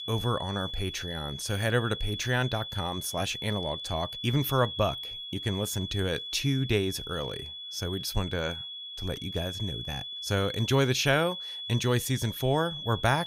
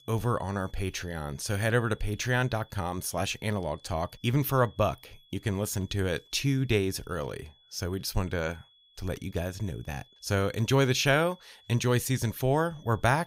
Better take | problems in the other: second | high-pitched whine; loud; throughout; 3.5 kHz, 7 dB below the speech; faint in the second

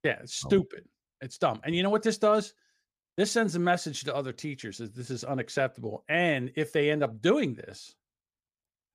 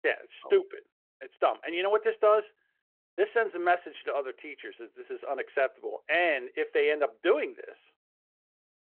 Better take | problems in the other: first | phone-call audio

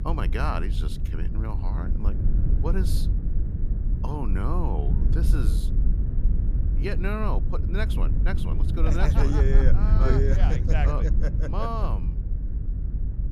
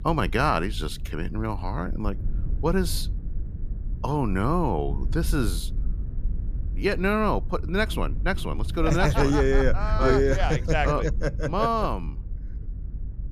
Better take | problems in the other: second | low rumble; loud; throughout; 8 dB below the speech; faint in the second

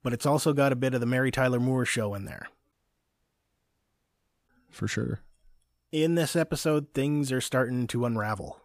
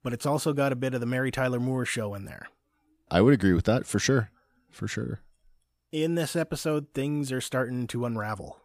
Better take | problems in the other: second | audio cutting out; at 2.5 s for 2 s

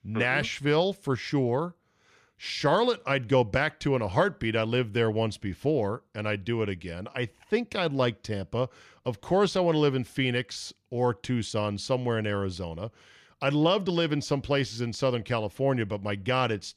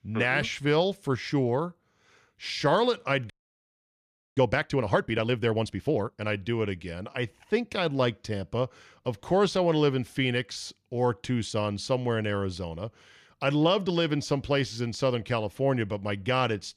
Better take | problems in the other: first | audio freezing; at 3.5 s for 1 s

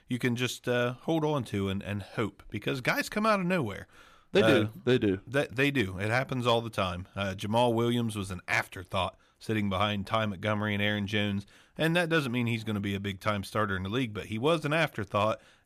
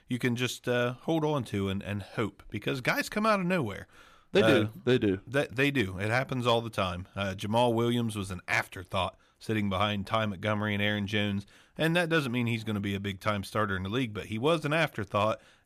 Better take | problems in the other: neither | none

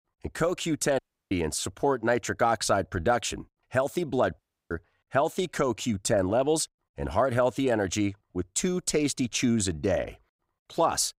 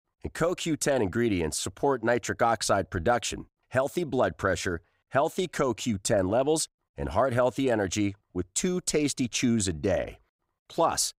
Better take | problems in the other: second | audio cutting out; at 1 s and at 4.5 s

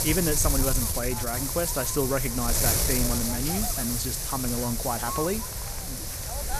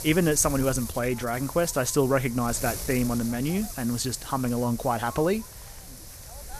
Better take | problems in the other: second | wind noise on the microphone; heavy; as loud as the speech; occasional gusts in the second

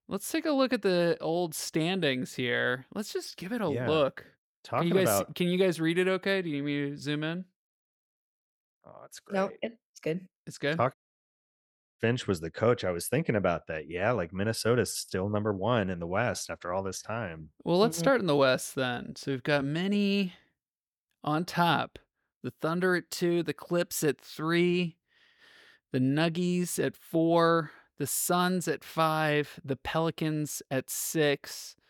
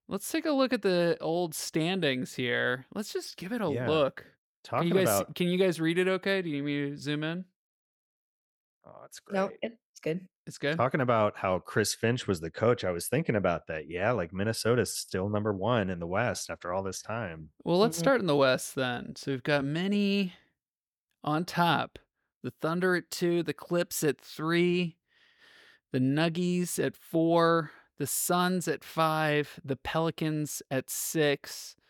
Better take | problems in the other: second | audio cutting out; at 11 s for 1 s

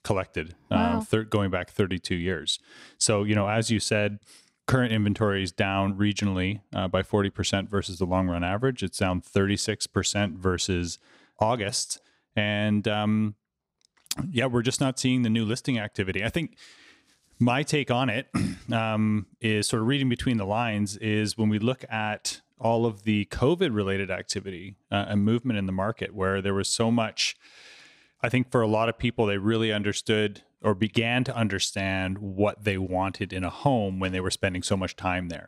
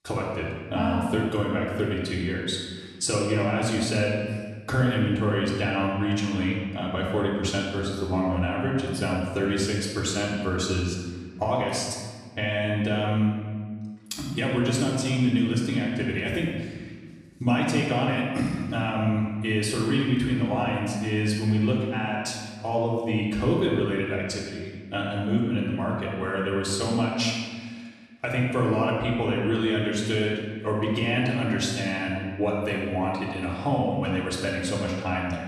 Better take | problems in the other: first | off-mic speech; far // room echo; noticeable; dies away in 1.4 s

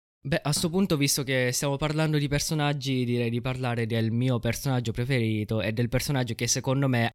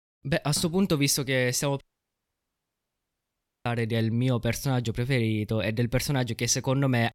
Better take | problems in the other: first | audio cutting out; at 2 s for 2 s

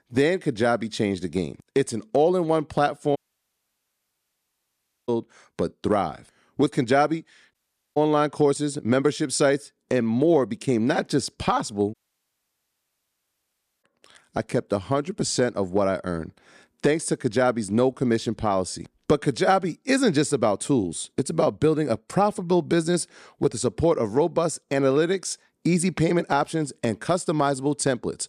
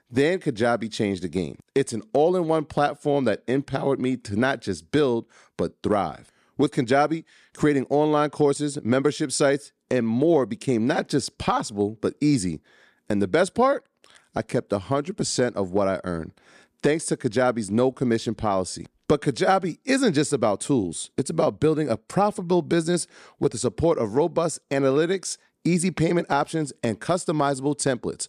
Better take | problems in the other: second | audio cutting out; at 3 s for 2 s, at 7.5 s and at 12 s for 2 s

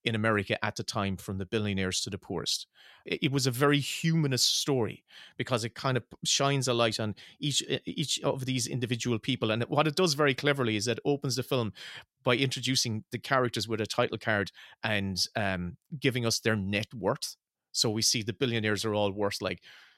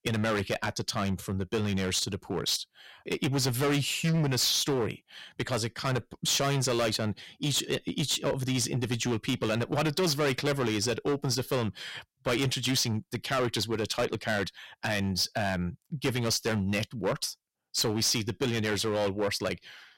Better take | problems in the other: first | distortion; heavy; 12% of the sound clipped

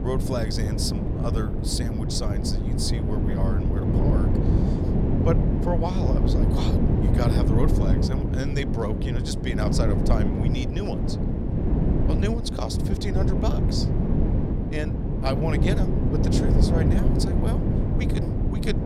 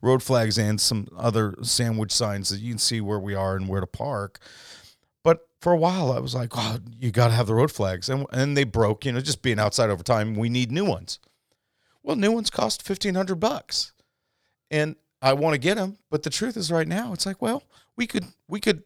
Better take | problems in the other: second | wind noise on the microphone; heavy; 1 dB above the speech

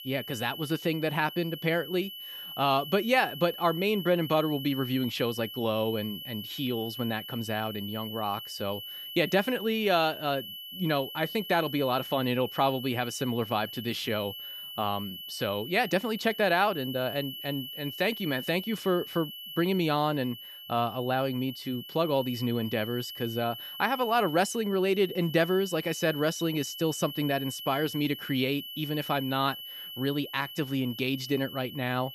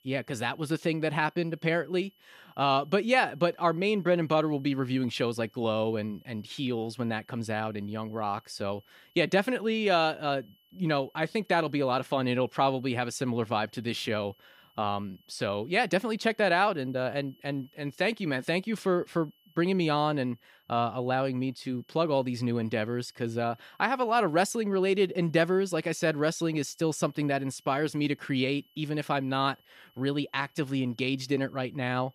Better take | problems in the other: second | high-pitched whine; loud; throughout; 3 kHz, 10 dB below the speech; faint in the second

